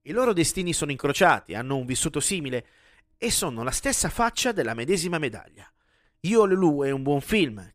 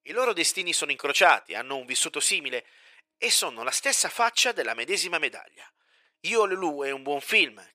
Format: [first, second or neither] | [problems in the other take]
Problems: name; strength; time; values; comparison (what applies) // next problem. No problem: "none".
first | thin; very; fading below 600 Hz